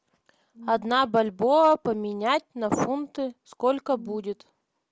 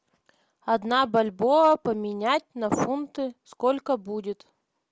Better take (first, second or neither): second